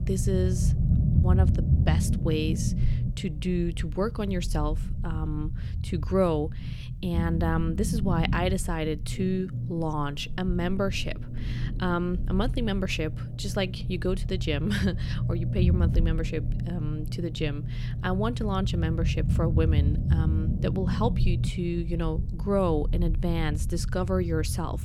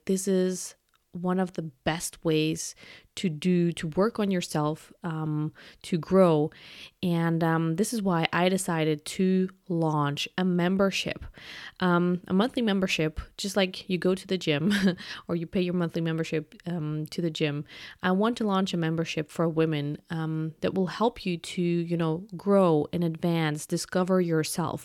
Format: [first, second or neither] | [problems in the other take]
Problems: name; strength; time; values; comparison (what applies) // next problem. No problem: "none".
second | low rumble; loud; throughout; 9 dB below the speech